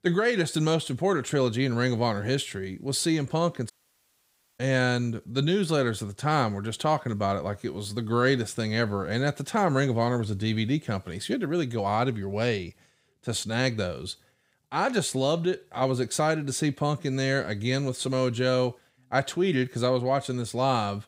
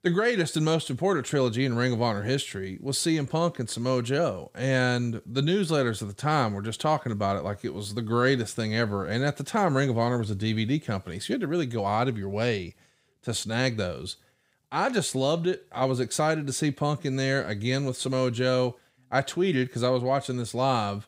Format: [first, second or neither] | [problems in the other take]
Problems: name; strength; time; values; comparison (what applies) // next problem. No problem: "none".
second | audio cutting out; at 3.5 s for 1 s